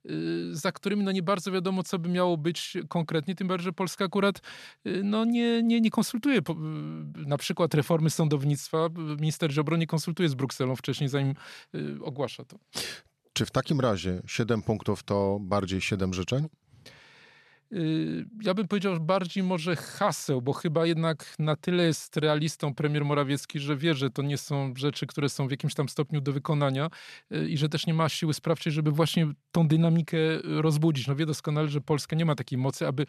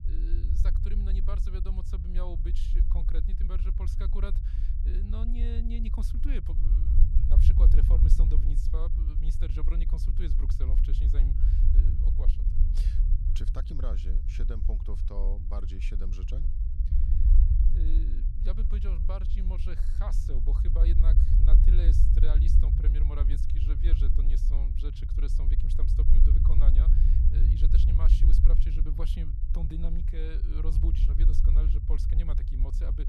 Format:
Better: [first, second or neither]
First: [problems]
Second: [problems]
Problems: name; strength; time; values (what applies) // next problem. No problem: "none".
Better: first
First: none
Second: low rumble; loud; throughout; 1 dB below the speech